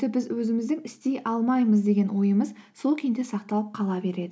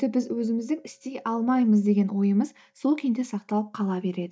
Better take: first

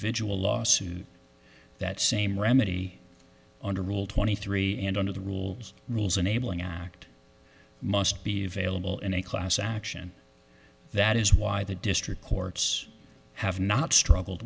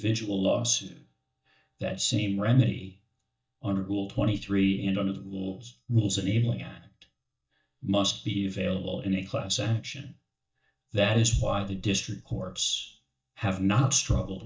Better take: first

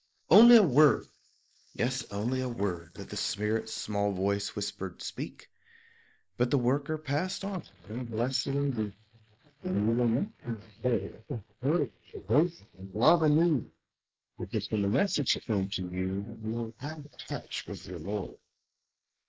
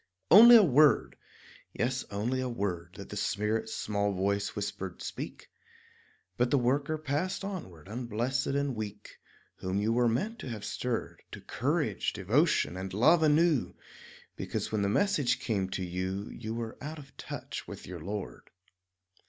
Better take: second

